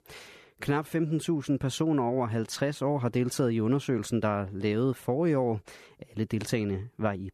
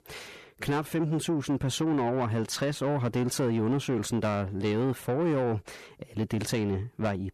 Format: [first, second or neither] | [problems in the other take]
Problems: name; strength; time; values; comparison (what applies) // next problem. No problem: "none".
first | distortion; slight; 10 dB below the speech